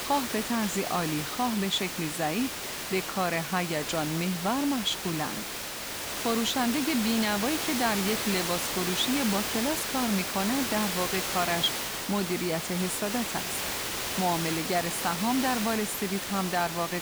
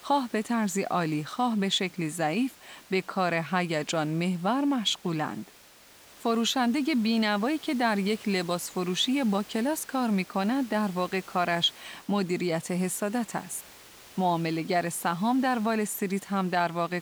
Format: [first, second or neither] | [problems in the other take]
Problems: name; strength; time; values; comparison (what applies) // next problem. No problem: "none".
second | hiss; loud; throughout; 2 dB below the speech; faint in the second